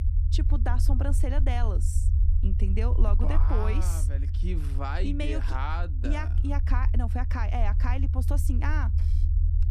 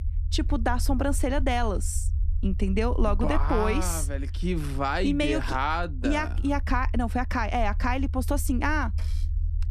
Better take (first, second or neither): second